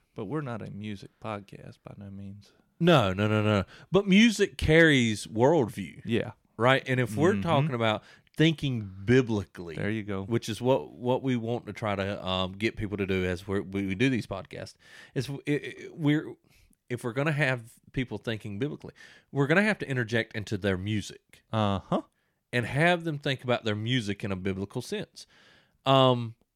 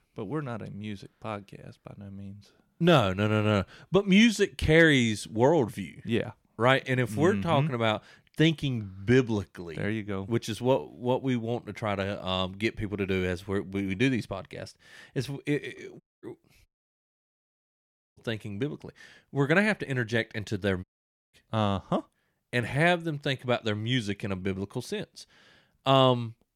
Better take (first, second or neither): first